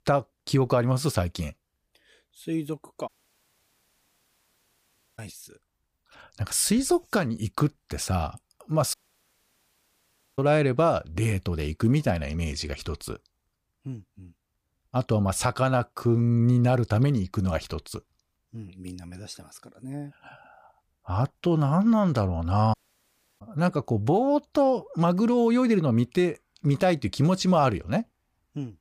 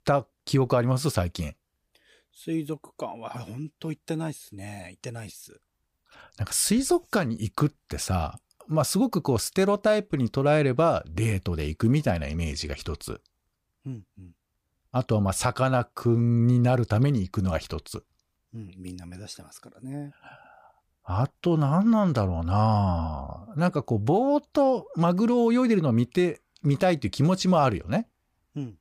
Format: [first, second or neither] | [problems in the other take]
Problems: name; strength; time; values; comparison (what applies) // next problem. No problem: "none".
second | audio cutting out; at 3 s for 2 s, at 9 s for 1.5 s and at 23 s for 0.5 s